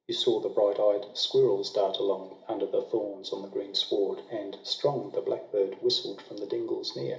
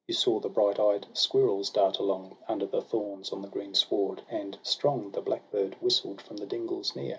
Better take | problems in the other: second | room echo; dies away in 0.9 s

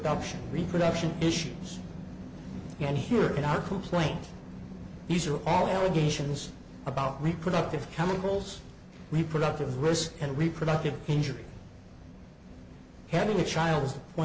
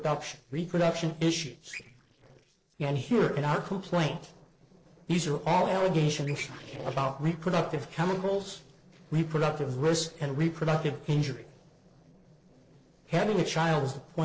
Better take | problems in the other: first | noise reduction (neural separator model SepFormer DNS4)

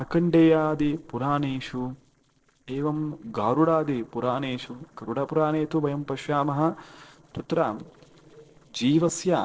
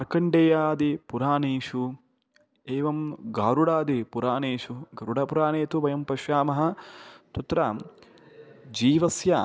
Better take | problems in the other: second | noise reduction (neural separator model SepFormer DNS4)

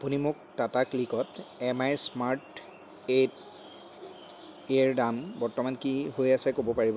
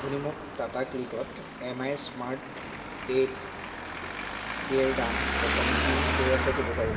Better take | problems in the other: first | background sound (Traffic noise, roadway noise); as loud as the speech // room echo; dies away in 2.5 s

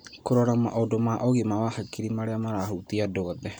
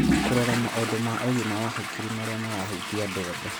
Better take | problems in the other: first | background sound (Toilet flush / Water); 1 dB below the speech

